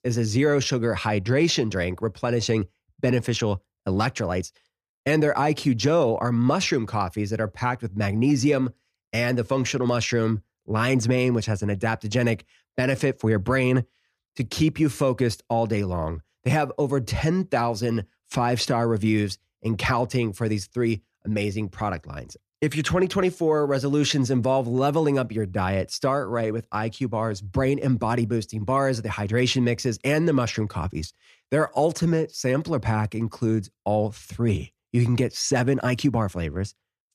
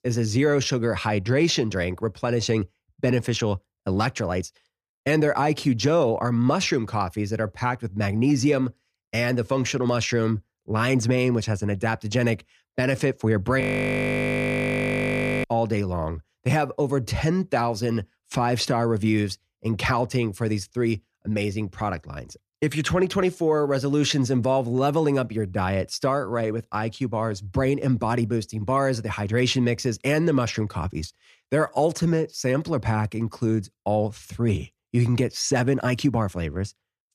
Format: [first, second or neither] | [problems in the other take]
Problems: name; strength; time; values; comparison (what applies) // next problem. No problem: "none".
first | audio freezing; at 14 s for 2 s